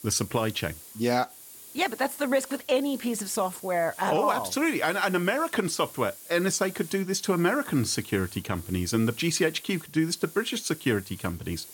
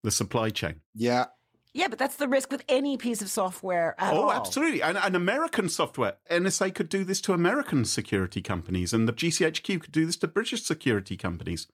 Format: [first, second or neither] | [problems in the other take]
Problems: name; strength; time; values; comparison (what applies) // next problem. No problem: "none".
second | hiss; noticeable; throughout; 15 dB below the speech